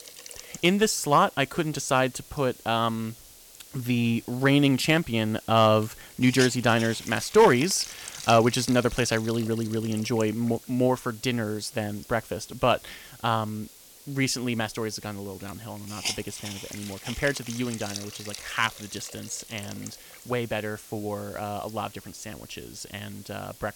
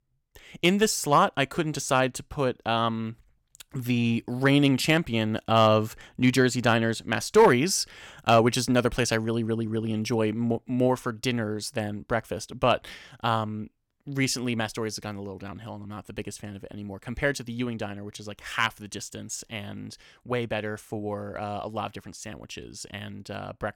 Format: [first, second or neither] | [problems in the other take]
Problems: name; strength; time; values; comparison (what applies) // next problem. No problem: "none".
second | hiss; noticeable; throughout; 15 dB below the speech